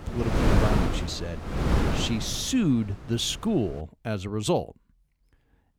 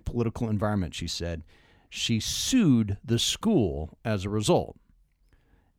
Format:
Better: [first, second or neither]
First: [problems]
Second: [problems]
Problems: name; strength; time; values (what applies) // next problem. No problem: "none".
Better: second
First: wind noise on the microphone; heavy; until 4 s; 1 dB below the speech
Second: none